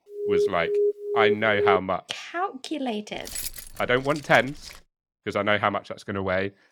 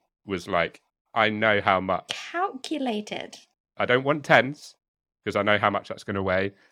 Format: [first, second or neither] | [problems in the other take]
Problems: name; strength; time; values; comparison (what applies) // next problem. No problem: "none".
second | alarm; loud; until 2 s; peak 1 dB above the speech // jangling keys; noticeable; from 3 to 5 s; peak 6 dB below the speech